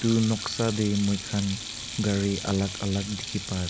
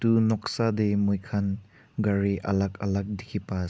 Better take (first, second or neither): second